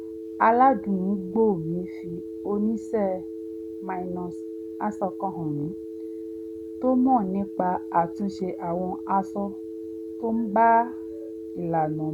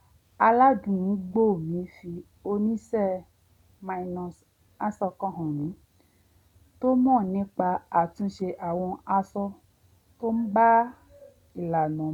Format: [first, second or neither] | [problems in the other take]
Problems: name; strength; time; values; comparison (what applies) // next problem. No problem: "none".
second | background sound (Telephone); 9 dB below the speech